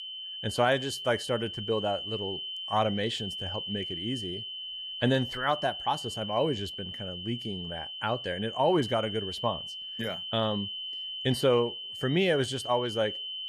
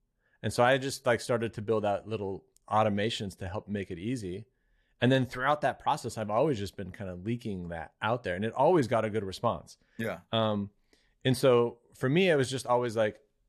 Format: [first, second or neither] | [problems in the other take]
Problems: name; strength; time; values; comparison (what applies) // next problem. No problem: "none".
second | high-pitched whine; loud; throughout; 3 kHz, 5 dB below the speech